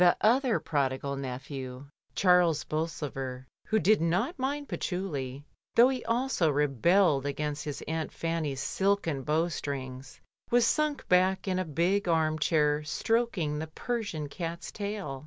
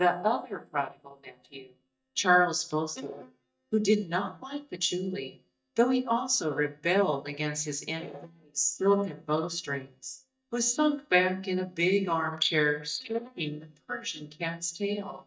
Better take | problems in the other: first | noise reduction (neural mask model DeepFilterNet 3)

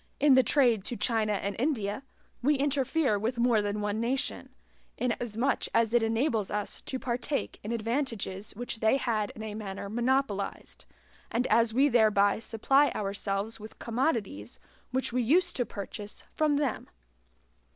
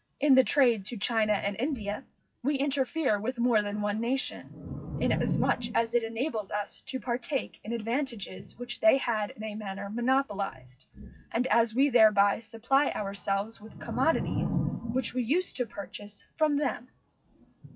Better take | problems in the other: first | noise reduction (classical method WPE with log-MMSE)

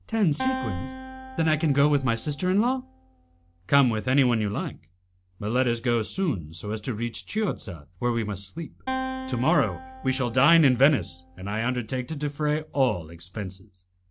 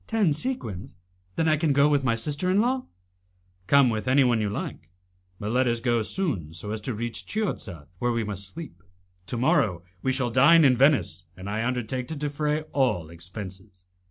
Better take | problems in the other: second | background sound (Acoustic guitar); 11 dB below the speech

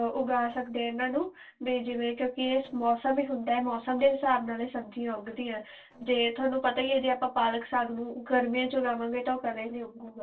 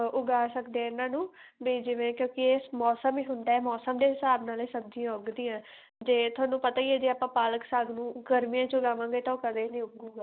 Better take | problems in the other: second | noise reduction (neural separator model SepFormer DNS4)

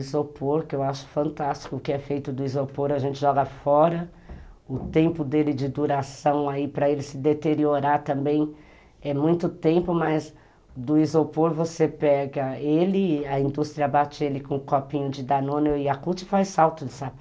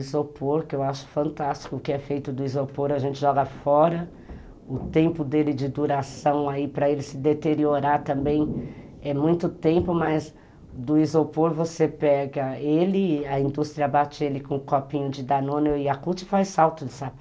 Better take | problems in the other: first | background sound (Thunder); 20 dB below the speech

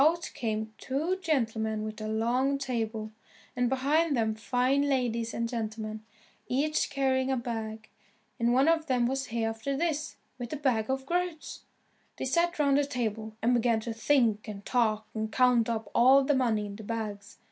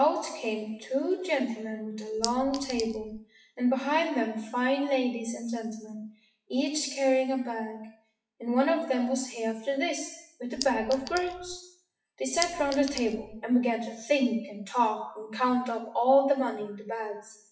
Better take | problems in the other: first | noise reduction (classical method WPE with log-MMSE)

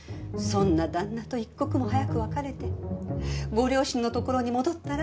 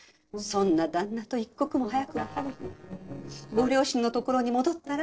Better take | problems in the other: first | noise reduction (neural separator model SepFormer DNS4)

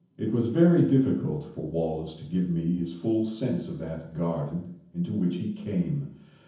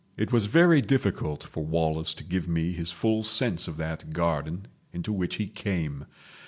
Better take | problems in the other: second | room echo; dies away in 0.7 s

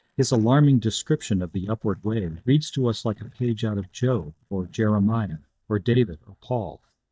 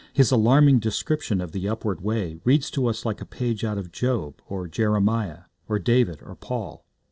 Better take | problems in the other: second | noise reduction (neural mask model DeepFilterNet 3)

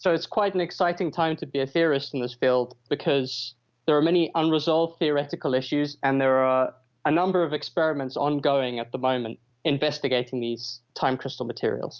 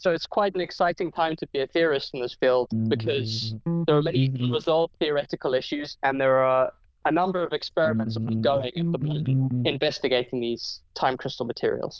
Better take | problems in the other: first | noise reduction (neural diffusion model UNIVERSE++)

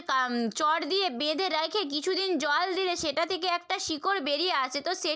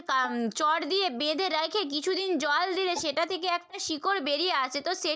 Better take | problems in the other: first | noise reduction (neural mask model DeepFilterNet 3)

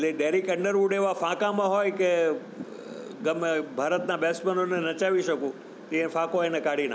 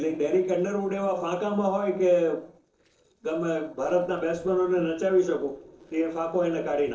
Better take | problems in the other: first | noise reduction (neural separator model SepFormer DNS4)

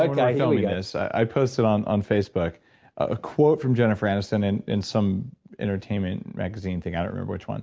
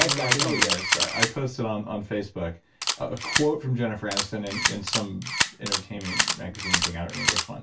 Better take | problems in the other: first | background sound (Camera); 2 dB above the speech // room echo; dies away in 0.1 s

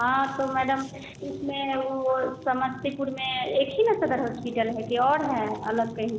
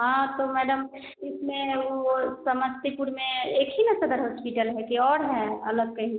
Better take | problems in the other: second | background sound (Fire); 17 dB below the speech

